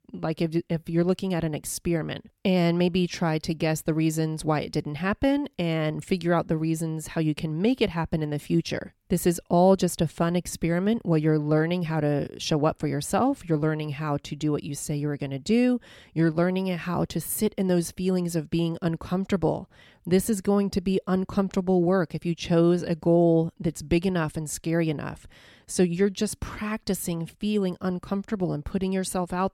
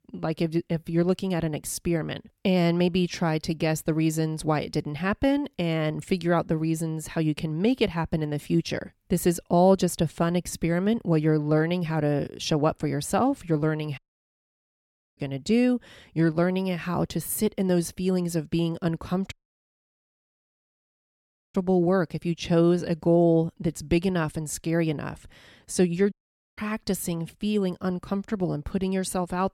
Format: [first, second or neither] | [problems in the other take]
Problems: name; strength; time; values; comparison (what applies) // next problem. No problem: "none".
first | audio cutting out; at 14 s for 1 s, at 19 s for 2 s and at 26 s